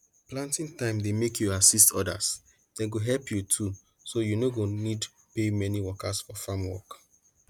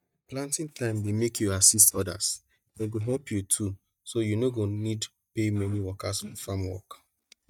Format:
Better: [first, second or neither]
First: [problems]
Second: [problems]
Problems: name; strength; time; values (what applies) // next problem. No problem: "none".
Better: first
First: none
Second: noise reduction (neural mask model DeepFilterNet 3)